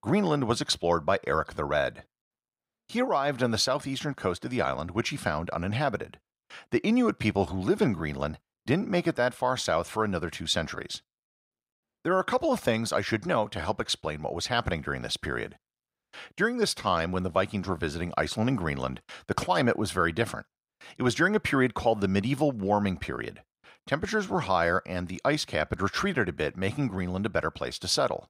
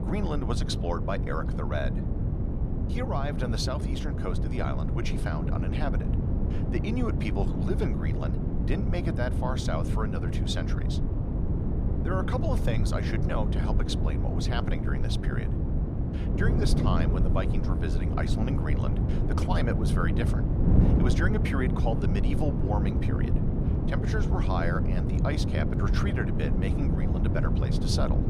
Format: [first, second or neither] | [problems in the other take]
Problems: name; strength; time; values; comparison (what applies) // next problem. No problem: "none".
first | wind noise on the microphone; heavy; 3 dB below the speech